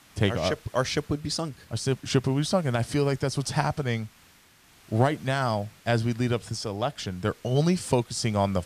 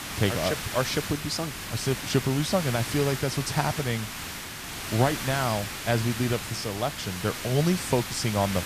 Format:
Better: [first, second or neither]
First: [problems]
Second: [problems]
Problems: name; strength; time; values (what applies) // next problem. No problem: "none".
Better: first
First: hiss; faint; throughout; 25 dB below the speech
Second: hiss; loud; throughout; 6 dB below the speech